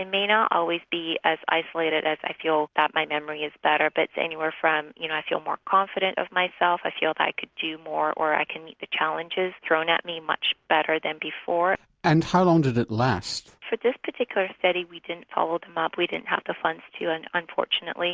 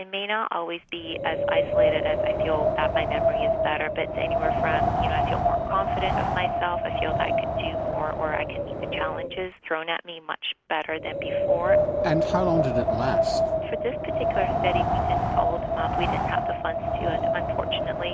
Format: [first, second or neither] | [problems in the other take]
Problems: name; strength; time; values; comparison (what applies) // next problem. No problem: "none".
first | background sound (Wind); 5 dB above the speech